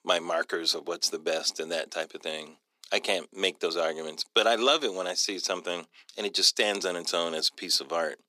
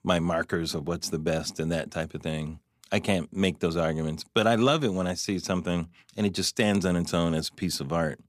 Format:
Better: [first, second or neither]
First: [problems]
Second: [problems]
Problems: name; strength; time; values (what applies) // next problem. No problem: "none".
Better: second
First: thin; very; fading below 350 Hz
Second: none